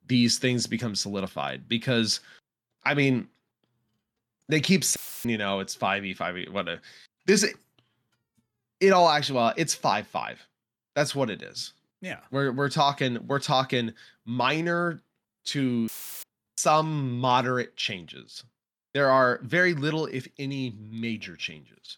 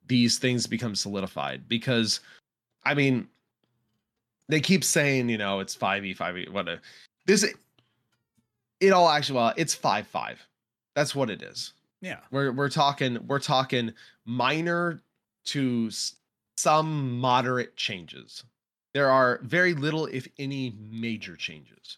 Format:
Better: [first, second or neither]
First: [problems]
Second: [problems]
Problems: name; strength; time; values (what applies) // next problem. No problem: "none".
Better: second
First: audio cutting out; filled with static; at 5 s and at 16 s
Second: none